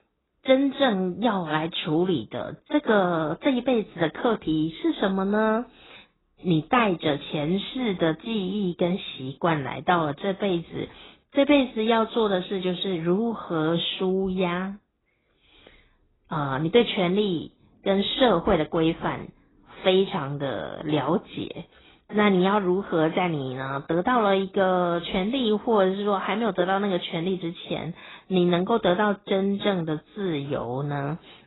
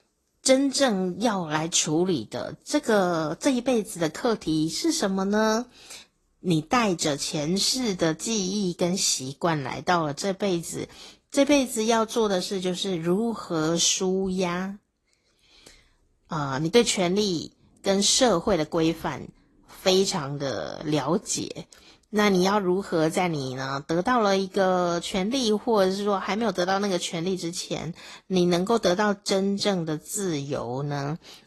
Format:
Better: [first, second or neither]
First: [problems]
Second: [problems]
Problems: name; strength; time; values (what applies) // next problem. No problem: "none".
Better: second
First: garbled, watery; badly; nothing above 4 kHz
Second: garbled, watery; slightly; nothing above 12.5 kHz